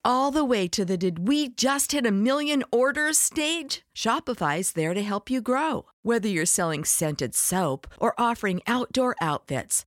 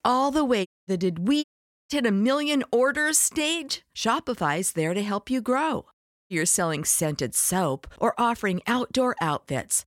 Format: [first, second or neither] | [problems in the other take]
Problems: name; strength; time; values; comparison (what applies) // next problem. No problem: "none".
first | audio cutting out; at 0.5 s, at 1.5 s and at 6 s